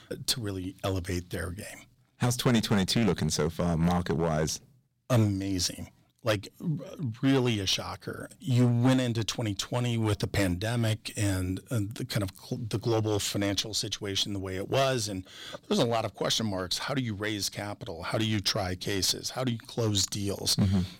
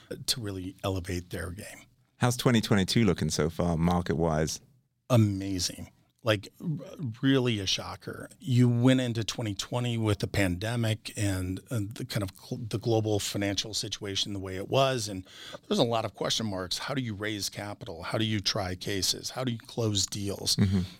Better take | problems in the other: second | distortion; slight; 3% of the sound clipped

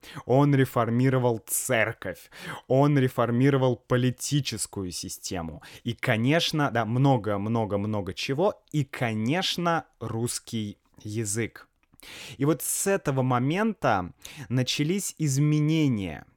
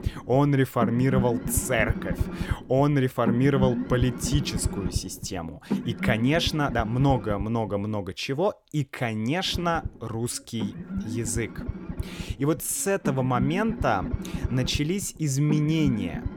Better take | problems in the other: first | low rumble; noticeable; until 8 s and from 9.5 s on; 10 dB below the speech

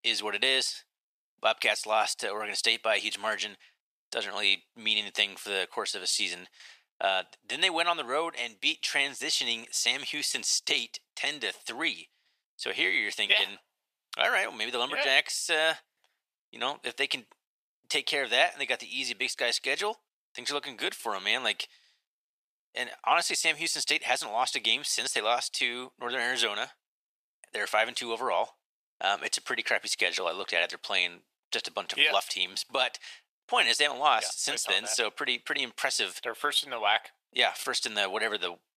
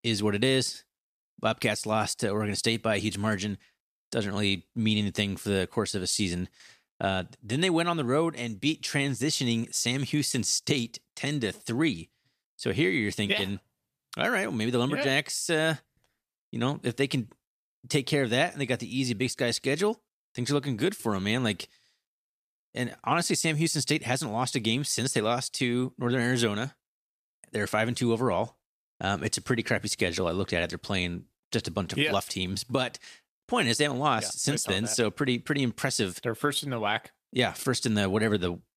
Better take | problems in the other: second | thin; very; fading below 650 Hz

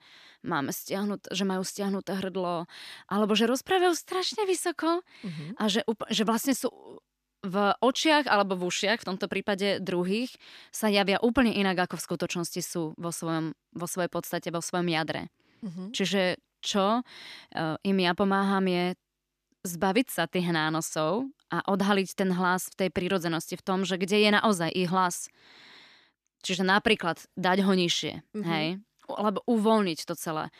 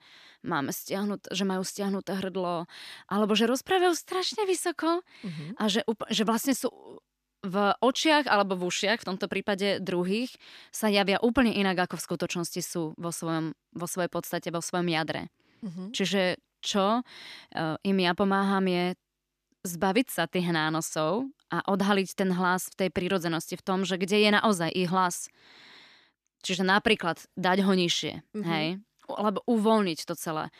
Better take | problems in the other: neither | none

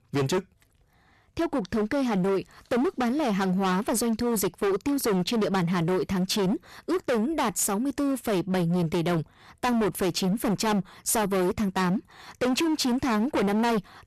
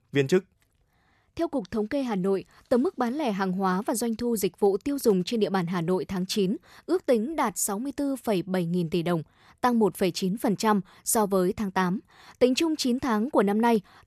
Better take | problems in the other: second | distortion; heavy; 25% of the sound clipped

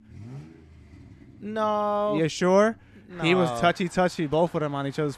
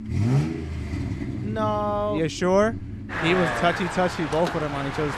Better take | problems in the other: first | traffic noise; loud; throughout; 5 dB below the speech; faint in the first

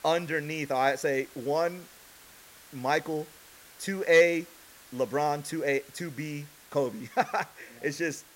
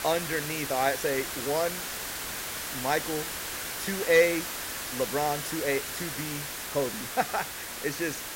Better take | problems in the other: first | hiss; loud; throughout; 4 dB below the speech; faint in the first

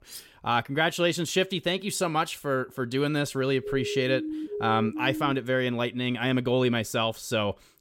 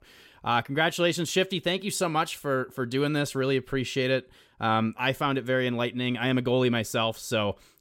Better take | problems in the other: second | clattering dishes; faint; at the start; peak 15 dB below the speech // siren; noticeable; from 3.5 to 5.5 s; peak 6 dB below the speech

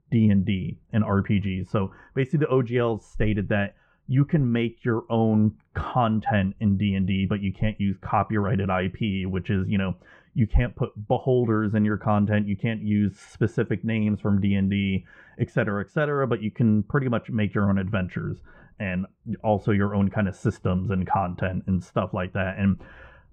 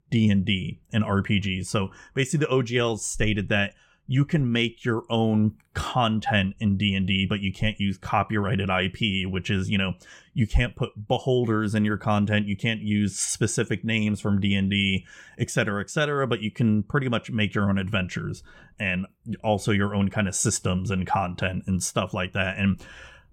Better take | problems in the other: second | muffled; very; fading above 4 kHz

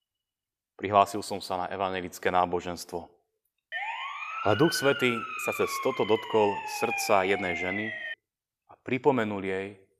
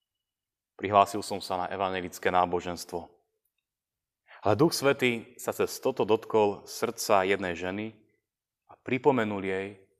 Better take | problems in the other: second | siren; noticeable; from 3.5 to 8 s; peak 3 dB below the speech

